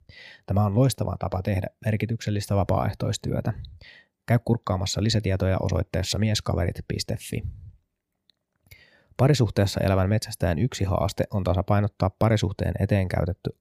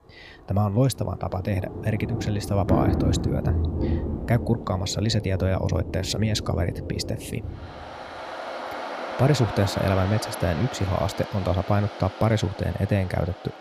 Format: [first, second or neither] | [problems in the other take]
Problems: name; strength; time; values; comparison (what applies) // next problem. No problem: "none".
first | rain or running water; loud; throughout; 6 dB below the speech